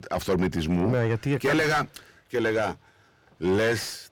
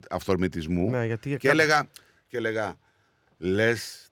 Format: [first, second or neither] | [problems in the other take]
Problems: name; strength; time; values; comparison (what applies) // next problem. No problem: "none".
second | distortion; heavy; 6 dB below the speech